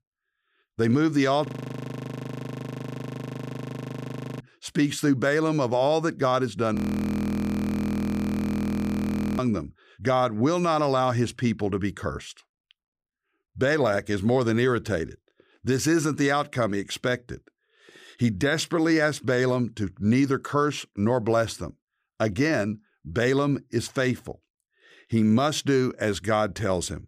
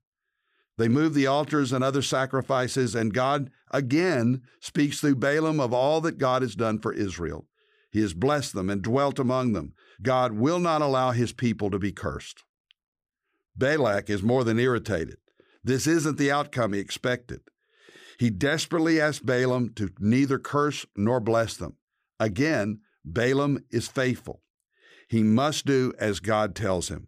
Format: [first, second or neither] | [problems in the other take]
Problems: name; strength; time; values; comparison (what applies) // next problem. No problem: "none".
second | audio freezing; at 1.5 s for 3 s and at 7 s for 2.5 s